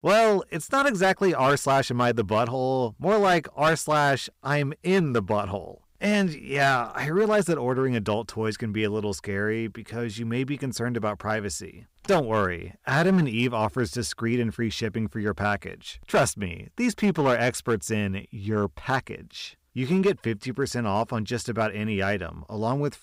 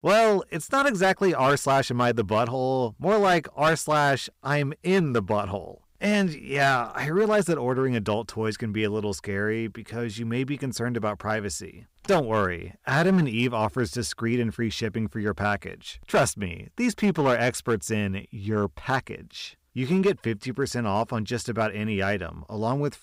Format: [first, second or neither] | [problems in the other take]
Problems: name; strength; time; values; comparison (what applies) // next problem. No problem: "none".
neither | distortion; slight; 4% of the sound clipped; the same in both